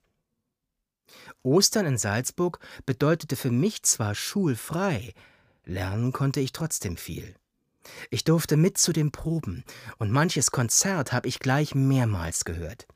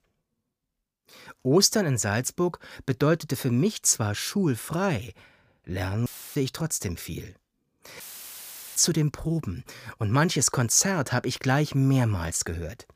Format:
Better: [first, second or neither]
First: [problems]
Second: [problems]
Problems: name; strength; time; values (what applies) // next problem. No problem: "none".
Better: first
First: none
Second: audio cutting out; filled with static; at 6 s and at 8 s for 1 s